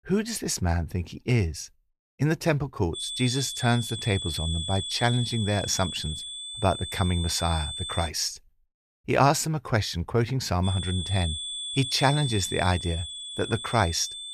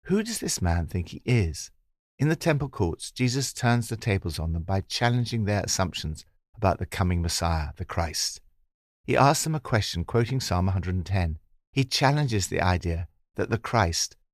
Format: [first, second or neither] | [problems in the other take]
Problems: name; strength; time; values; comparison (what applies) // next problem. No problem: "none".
second | high-pitched whine; loud; from 3 to 8 s and from 11 s on; 3.5 kHz, 6 dB below the speech